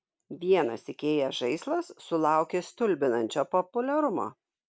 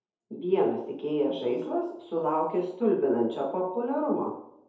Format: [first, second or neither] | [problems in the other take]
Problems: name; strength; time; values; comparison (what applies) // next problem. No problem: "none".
first | room echo; dies away in 2.1 s